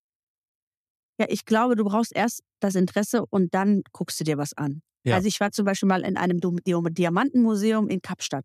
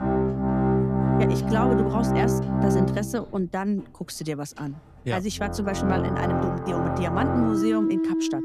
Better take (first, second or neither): first